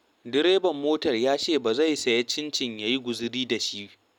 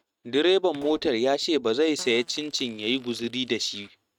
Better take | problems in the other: first | noise reduction (neural mask model RNNoise)

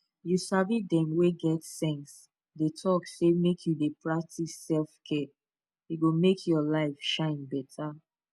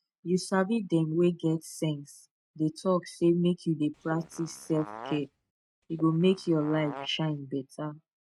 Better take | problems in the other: first | noise reduction (neural mask model RNNoise)

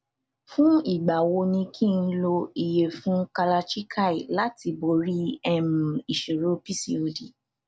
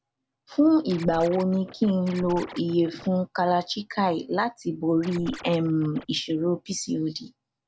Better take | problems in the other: first | background sound (Scratching (performance technique)); 17 dB below the speech

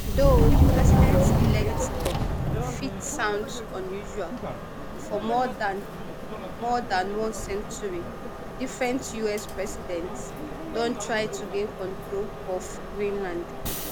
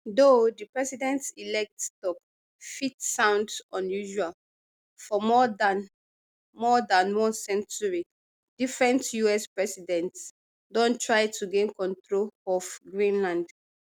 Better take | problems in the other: second | background sound (Subway, metro, underground); 5 dB above the speech

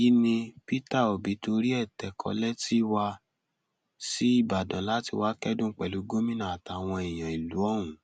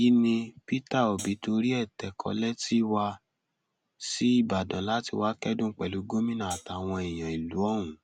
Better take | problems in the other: first | background sound (Hi-hat); 14 dB below the speech

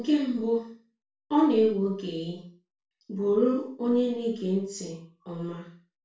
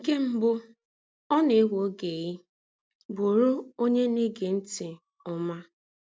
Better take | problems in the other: second | room echo; dies away in 0.4 s

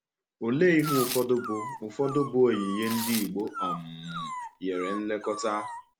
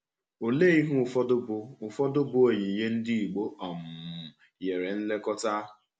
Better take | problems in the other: second | background sound (Tearing + Dog); 8 dB below the speech

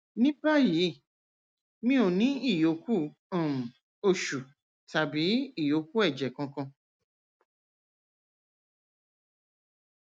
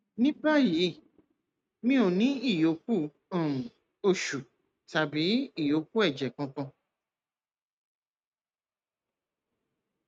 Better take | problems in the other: first | noise reduction (neural mask model RNNoise)

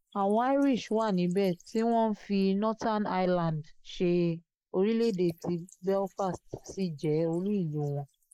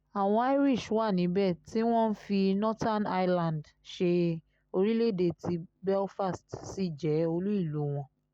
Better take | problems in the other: second | noise reduction (neural mask model Resemble Enhance denoiser)

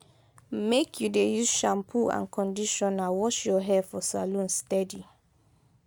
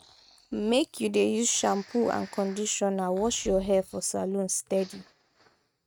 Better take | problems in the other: first | noise reduction (neural mask model RNNoise)

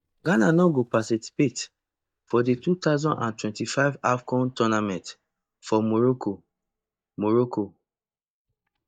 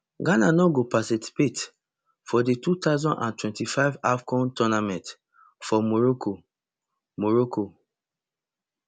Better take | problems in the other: second | noise reduction (neural mask model DeepFilterNet 3)

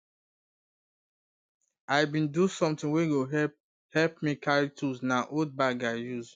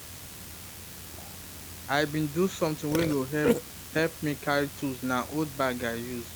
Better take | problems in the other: first | background sound (Burping, eructation); 6 dB below the speech

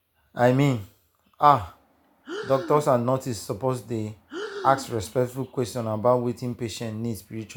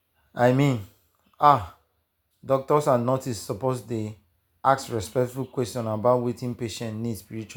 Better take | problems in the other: second | background sound (Breathing); 14 dB below the speech

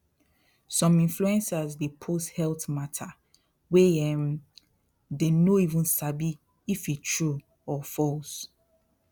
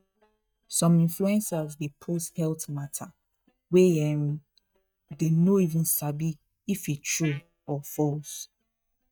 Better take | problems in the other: first | noise reduction (neural mask model DeepFilterNet 3)

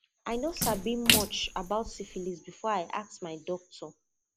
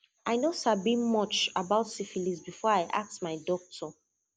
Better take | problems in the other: second | background sound (Splash, splatter); as loud as the speech

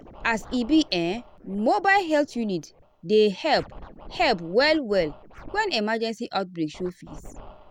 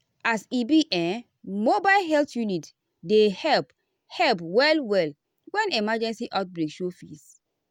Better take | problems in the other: second | background sound (Scratching (performance technique)); 19 dB below the speech

